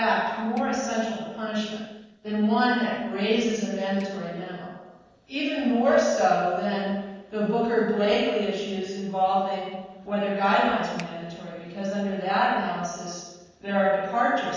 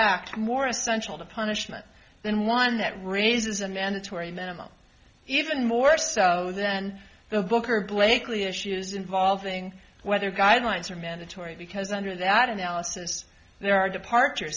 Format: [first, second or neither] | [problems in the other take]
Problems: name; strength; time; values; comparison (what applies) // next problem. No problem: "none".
second | noise reduction (neural separator model SepFormer DNS4)